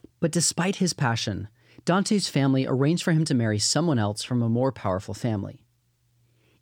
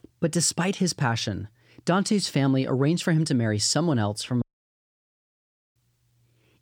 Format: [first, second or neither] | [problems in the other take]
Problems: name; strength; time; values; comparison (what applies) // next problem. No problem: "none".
first | audio cutting out; at 4.5 s for 1.5 s